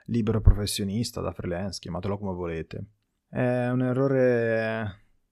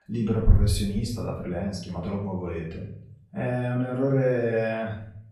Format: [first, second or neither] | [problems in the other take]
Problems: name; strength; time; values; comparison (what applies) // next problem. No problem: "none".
first | off-mic speech; far // room echo; noticeable; dies away in 0.6 s